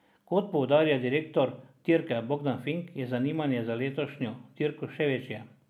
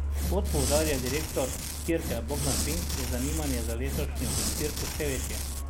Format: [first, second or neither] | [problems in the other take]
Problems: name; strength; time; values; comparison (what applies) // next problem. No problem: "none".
first | background sound (Truck + Tearing); 3 dB above the speech